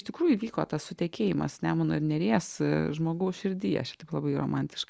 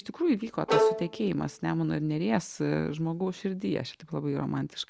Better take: first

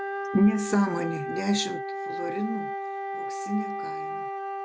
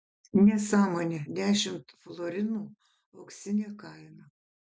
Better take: second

